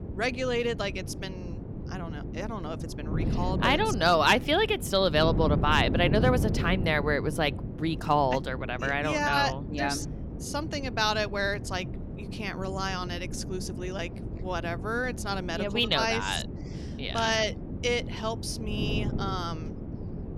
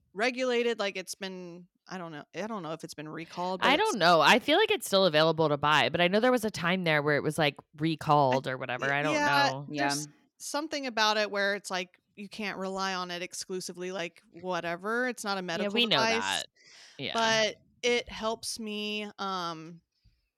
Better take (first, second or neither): second